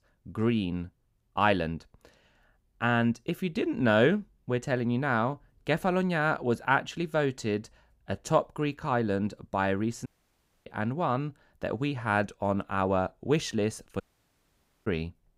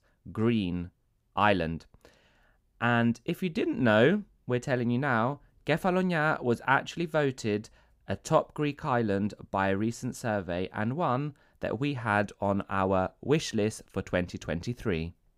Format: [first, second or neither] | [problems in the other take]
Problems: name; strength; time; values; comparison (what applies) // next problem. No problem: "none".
second | audio cutting out; at 10 s for 0.5 s and at 14 s for 1 s